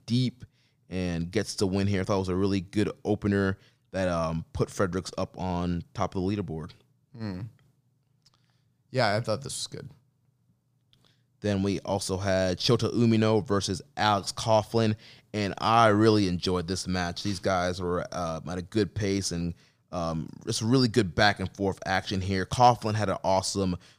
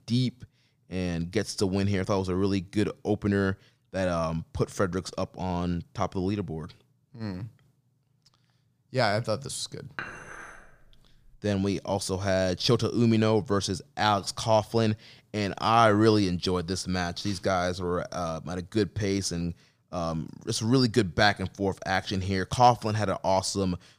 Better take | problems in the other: first | clattering dishes; faint; from 10 to 11 s; peak 10 dB below the speech

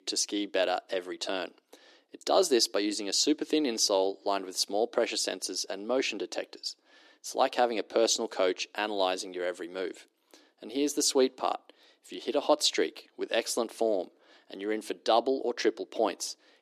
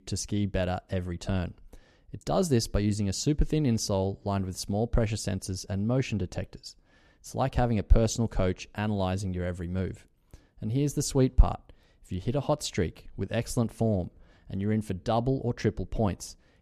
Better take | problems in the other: second | thin; very; fading below 300 Hz

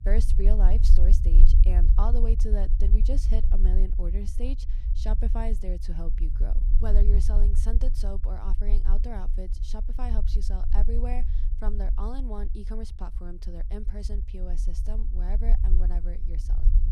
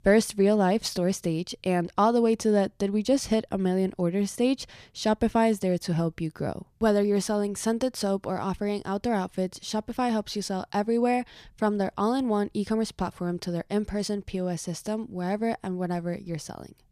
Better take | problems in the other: second | low rumble; loud; throughout; 7 dB below the speech

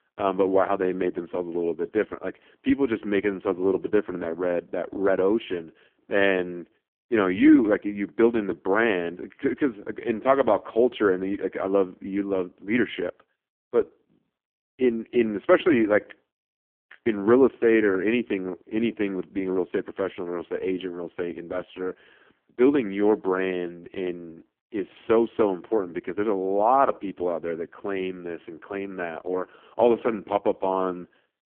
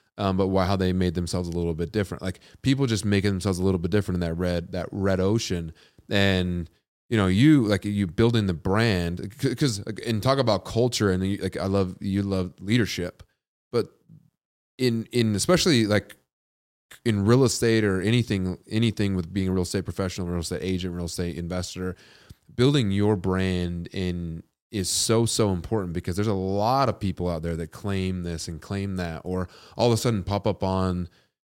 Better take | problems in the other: second | phone-call audio; poor line; nothing above 3.5 kHz

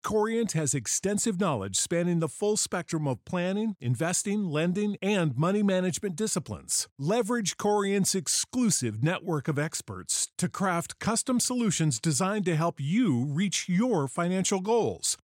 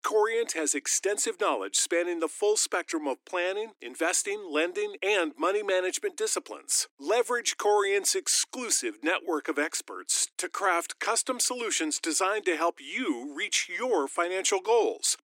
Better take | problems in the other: first | thin; very; fading below 300 Hz

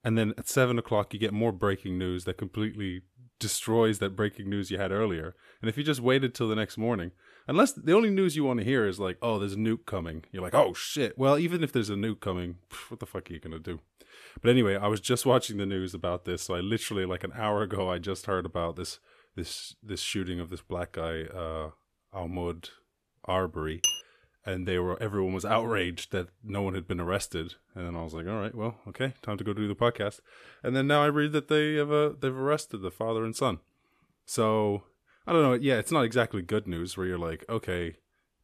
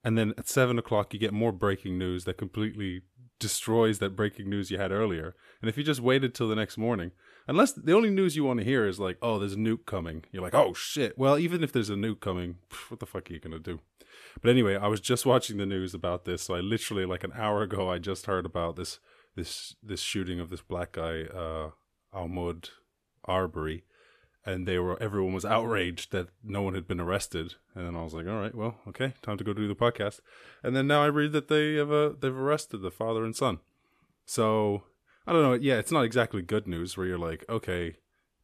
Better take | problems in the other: second | clattering dishes; loud; at 24 s; peak 2 dB above the speech

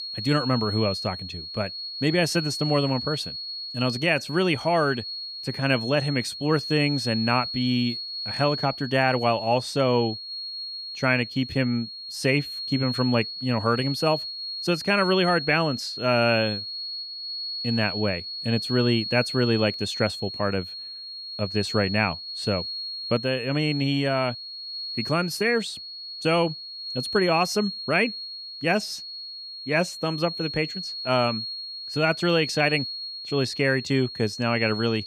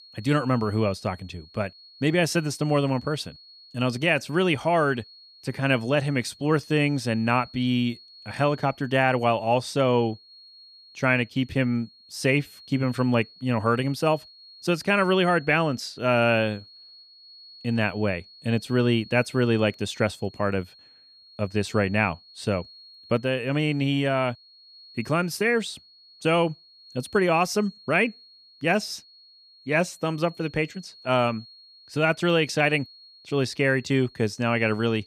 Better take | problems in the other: second | high-pitched whine; loud; throughout; 4.5 kHz, 7 dB below the speech; faint in the second

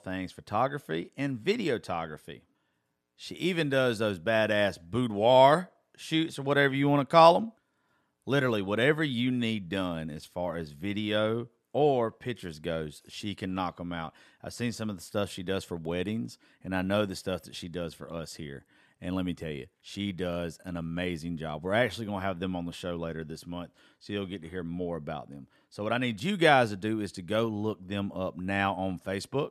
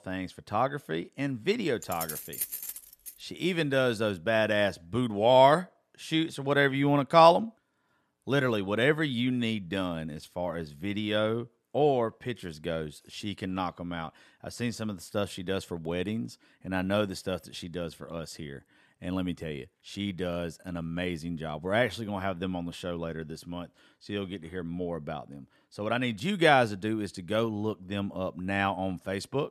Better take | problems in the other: first | jangling keys; noticeable; from 2 to 3 s; peak 4 dB below the speech

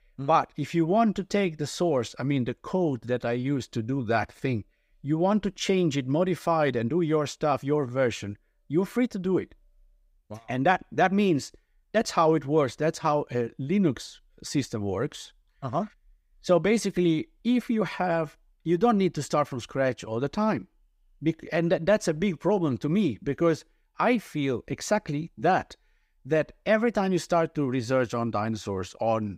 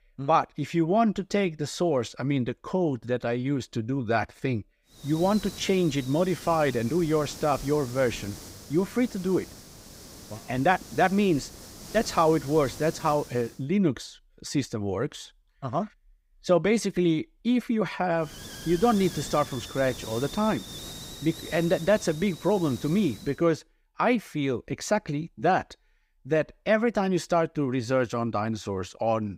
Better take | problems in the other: first | hiss; noticeable; from 5 to 13 s and from 18 to 23 s; 15 dB below the speech

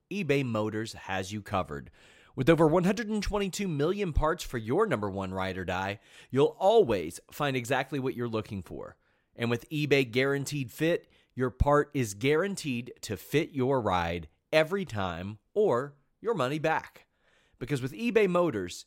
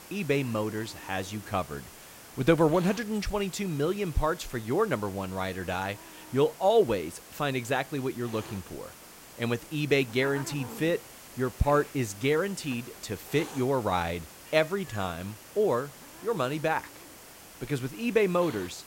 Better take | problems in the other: first | hiss; noticeable; throughout; 15 dB below the speech

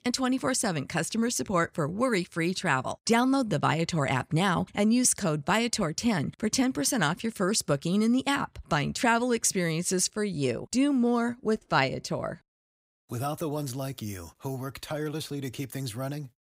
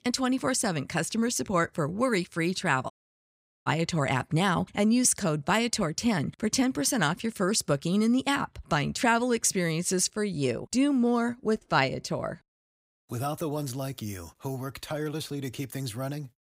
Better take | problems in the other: first | audio cutting out; at 3 s for 1 s

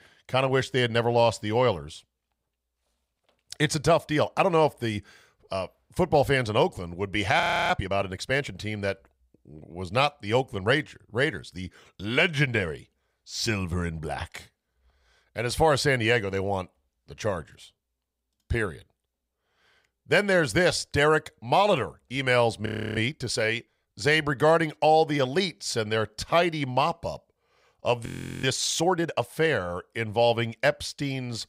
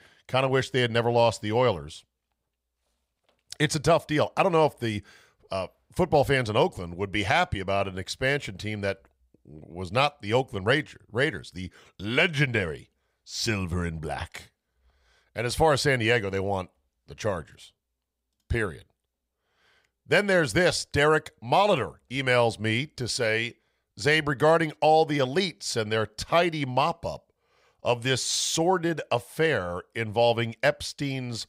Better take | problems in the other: second | audio freezing; at 7.5 s, at 23 s and at 28 s

